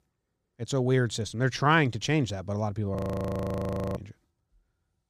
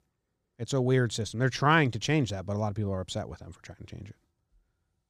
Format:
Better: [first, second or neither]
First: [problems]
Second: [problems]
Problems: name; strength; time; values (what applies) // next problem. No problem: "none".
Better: second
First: audio freezing; at 3 s for 1 s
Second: none